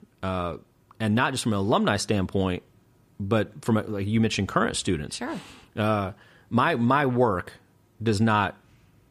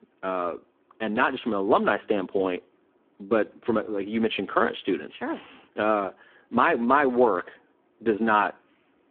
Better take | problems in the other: first | phone-call audio; poor line

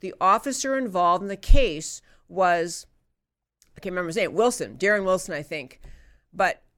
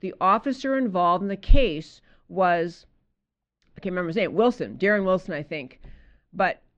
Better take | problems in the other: first | muffled; slightly; fading above 4 kHz

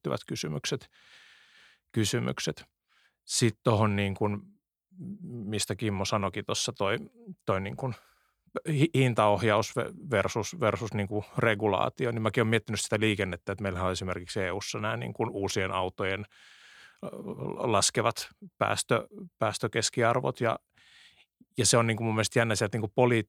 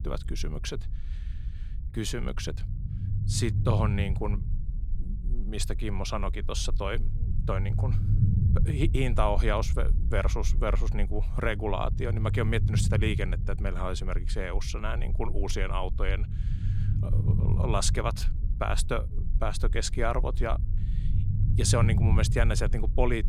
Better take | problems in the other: first | low rumble; noticeable; throughout; 10 dB below the speech

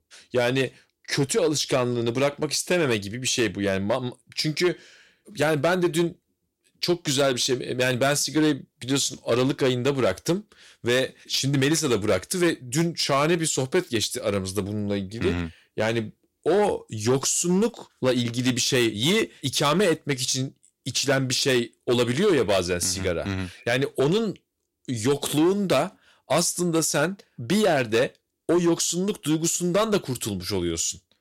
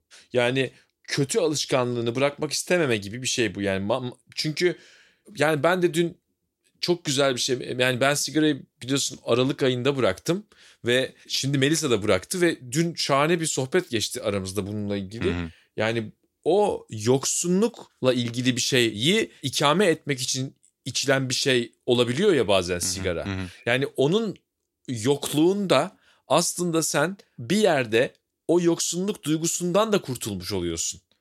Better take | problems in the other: second | distortion; slight; 5% of the sound clipped

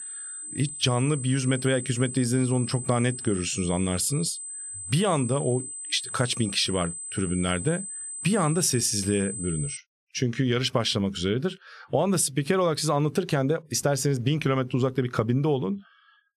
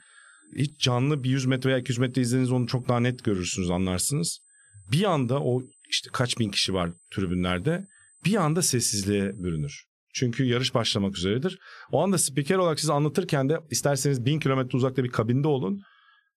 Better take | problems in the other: second | high-pitched whine; loud; until 10 s; 8 kHz, 8 dB below the speech; faint in the second

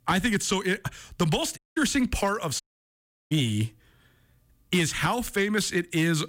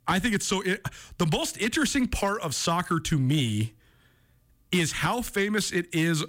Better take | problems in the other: second | audio cutting out; at 1.5 s and at 2.5 s for 0.5 s

